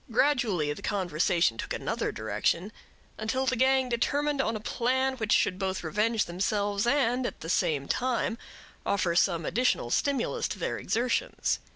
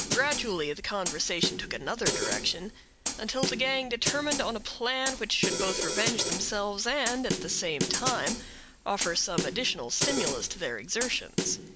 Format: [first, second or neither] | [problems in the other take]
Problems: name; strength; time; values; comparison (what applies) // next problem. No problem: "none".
first | background sound (Snare drum); 3 dB below the speech